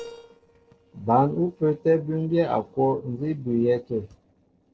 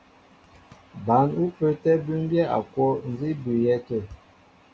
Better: second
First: noise reduction (neural separator model SepFormer DNS4)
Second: none

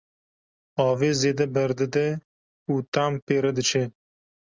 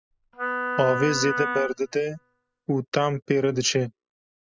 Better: first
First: none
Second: noise reduction (classical method spectral subtraction)

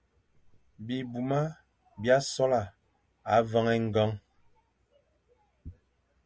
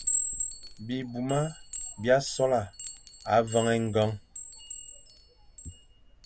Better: first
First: none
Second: background sound (Chime); 6 dB below the speech

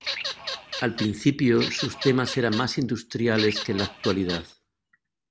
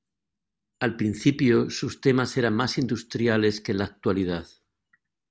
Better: second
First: background sound (Bird vocalization, bird call, bird song / Fowl); 8 dB below the speech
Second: none

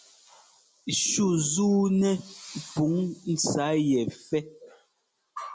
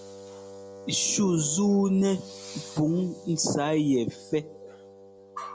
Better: first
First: none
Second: background sound (Wind instrument, woodwind instrument); 18 dB below the speech

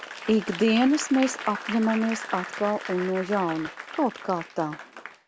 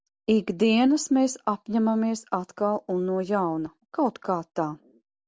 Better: second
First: background sound (Applause / Crowd); 11 dB below the speech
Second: none

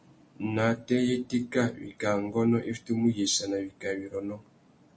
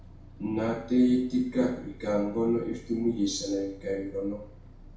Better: first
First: none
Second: background sound (Bus); 19 dB below the speech // room echo; dies away in 0.6 s

